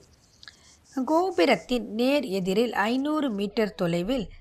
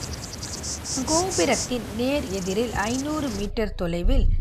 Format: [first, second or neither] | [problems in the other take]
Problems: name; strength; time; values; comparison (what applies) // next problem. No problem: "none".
first | animal sounds; loud; throughout; 3 dB below the speech; faint in the first